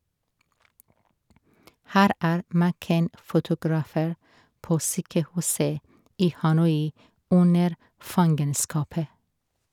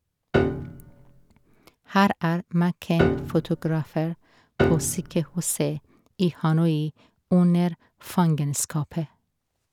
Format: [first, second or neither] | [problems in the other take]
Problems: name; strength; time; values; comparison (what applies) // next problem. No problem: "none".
first | background sound (Piano); 3 dB below the speech